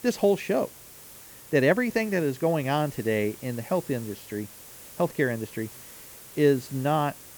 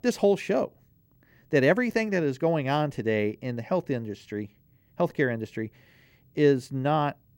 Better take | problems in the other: second | hiss; noticeable; throughout; 15 dB below the speech

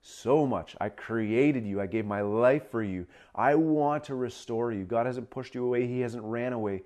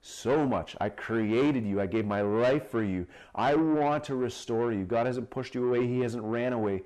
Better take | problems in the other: first | distortion; slight; 10 dB below the speech

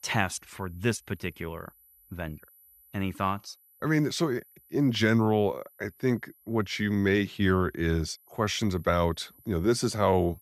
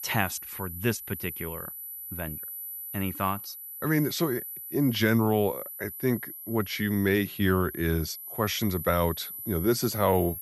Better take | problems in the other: first | high-pitched whine; loud; throughout; 12 kHz, 9 dB below the speech; faint in the first

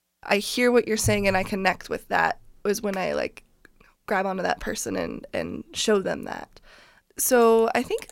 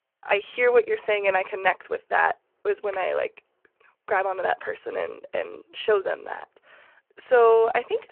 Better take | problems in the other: first | phone-call audio

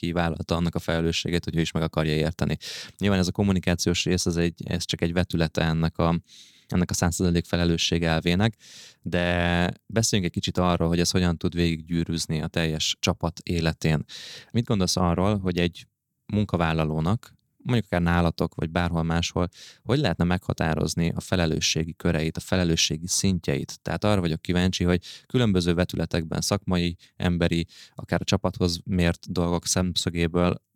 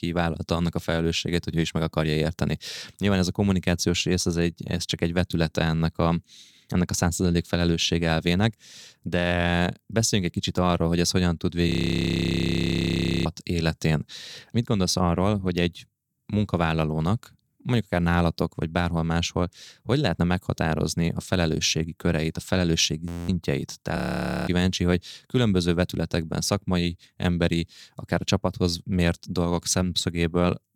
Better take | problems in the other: first | audio freezing; at 12 s for 1.5 s, at 23 s and at 24 s for 0.5 s

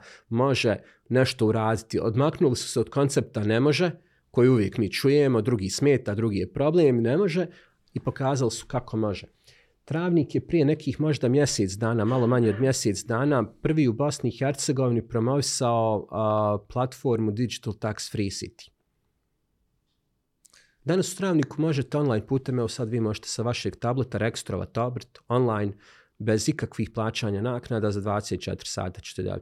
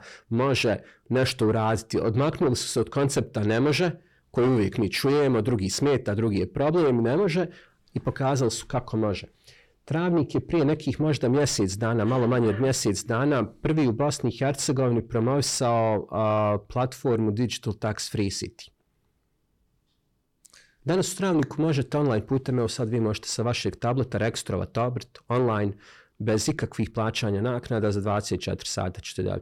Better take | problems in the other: first | distortion; slight; 10 dB below the speech

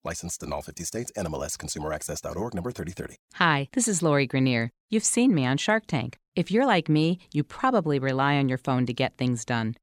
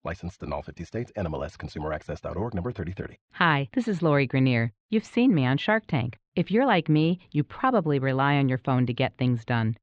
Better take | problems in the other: first | muffled; very; fading above 3.5 kHz

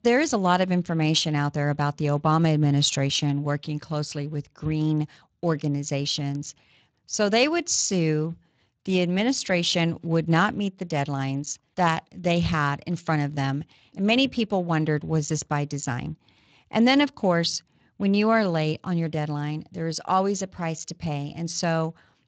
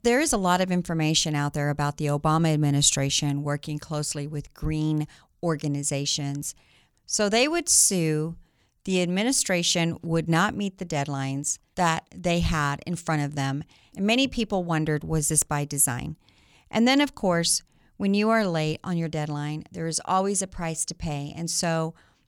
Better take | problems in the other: second | garbled, watery; slightly; nothing above 7.5 kHz

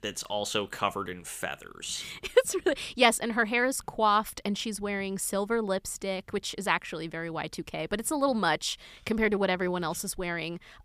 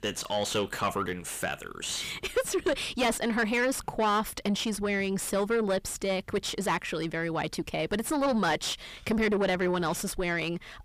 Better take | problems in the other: first | distortion; heavy; 6 dB below the speech

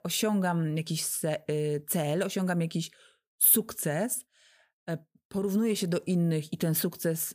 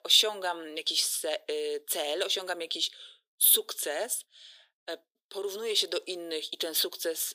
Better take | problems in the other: first | thin; very; fading below 350 Hz

